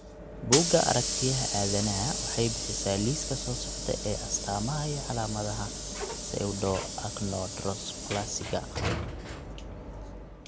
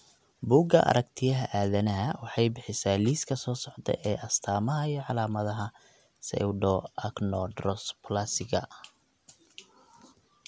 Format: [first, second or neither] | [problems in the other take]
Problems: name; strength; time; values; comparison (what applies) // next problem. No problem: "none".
second | background sound (Sliding door / Hiss); 2 dB below the speech